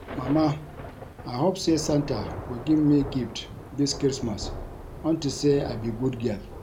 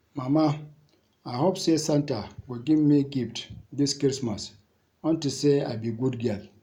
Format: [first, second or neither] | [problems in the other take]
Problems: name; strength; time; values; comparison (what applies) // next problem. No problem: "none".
second | background sound (Thunder / Rain); 12 dB below the speech